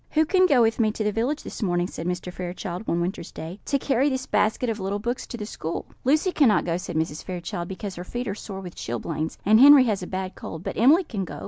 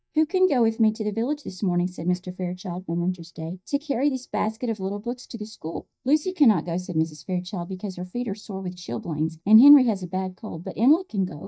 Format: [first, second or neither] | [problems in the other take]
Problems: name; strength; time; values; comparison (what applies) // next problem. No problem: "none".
first | noise reduction (neural mask model DeepFilterNet 3)